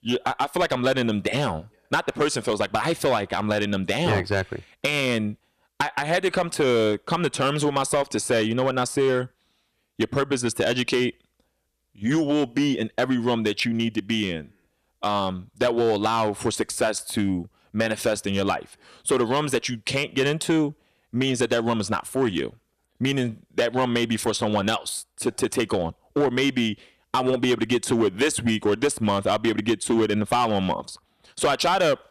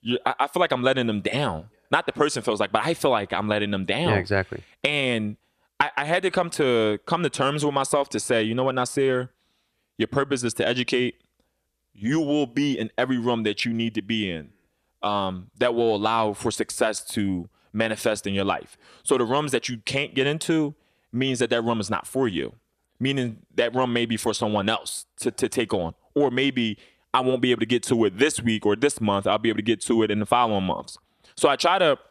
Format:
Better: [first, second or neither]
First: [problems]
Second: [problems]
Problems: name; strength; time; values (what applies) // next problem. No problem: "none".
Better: second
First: distortion; slight; 5% of the sound clipped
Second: none